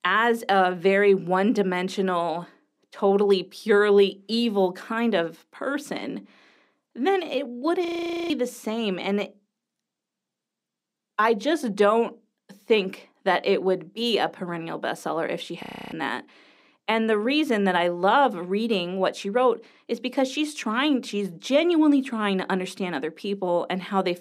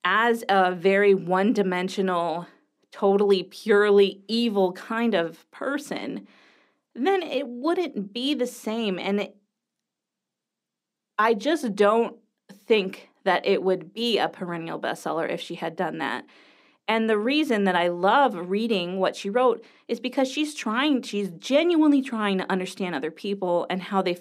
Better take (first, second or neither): second